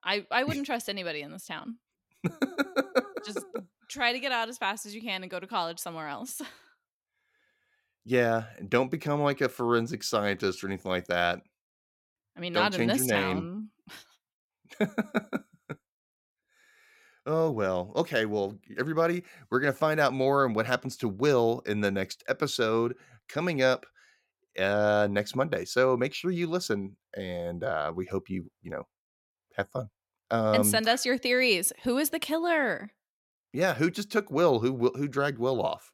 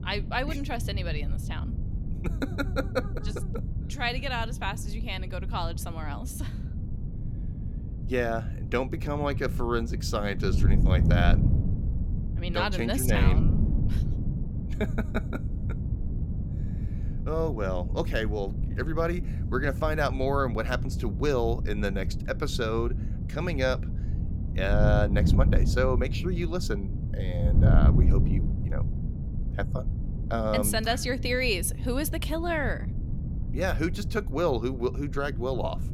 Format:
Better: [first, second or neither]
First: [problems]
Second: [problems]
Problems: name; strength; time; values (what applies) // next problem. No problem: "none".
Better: first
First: none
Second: wind noise on the microphone; occasional gusts; 10 dB below the speech